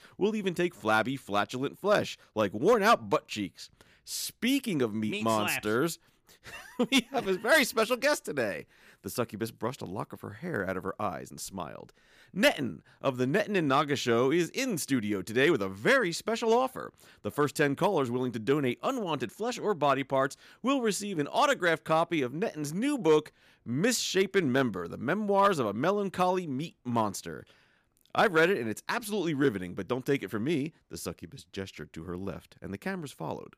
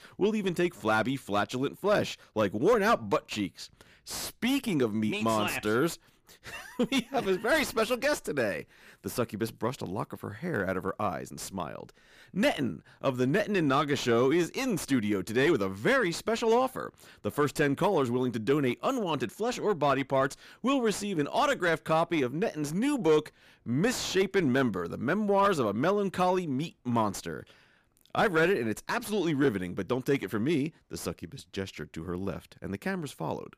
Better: first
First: none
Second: distortion; slight; 10 dB below the speech

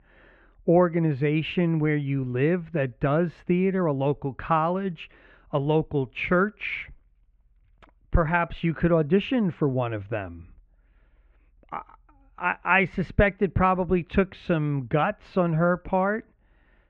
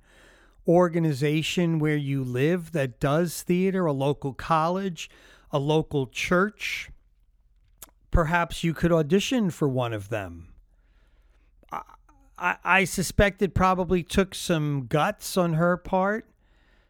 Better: second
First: muffled; very; fading above 2.5 kHz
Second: none

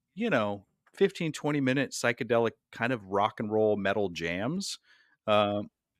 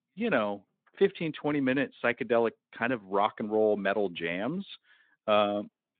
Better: first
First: none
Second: phone-call audio; nothing above 3.5 kHz

